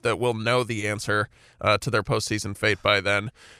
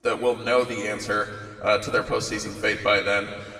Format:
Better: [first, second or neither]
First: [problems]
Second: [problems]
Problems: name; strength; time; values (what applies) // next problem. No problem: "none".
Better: first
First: none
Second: room echo; slight; dies away in 1.7 s // off-mic speech; far